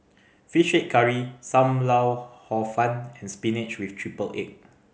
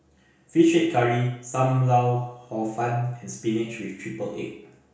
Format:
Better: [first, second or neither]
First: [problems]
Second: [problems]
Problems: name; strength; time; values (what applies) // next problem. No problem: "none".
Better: first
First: none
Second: room echo; dies away in 0.6 s